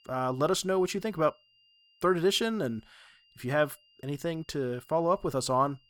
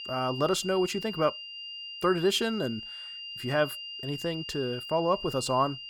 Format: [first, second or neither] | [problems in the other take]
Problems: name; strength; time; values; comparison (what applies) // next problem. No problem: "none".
first | high-pitched whine; loud; throughout; 3 kHz, 9 dB below the speech; faint in the first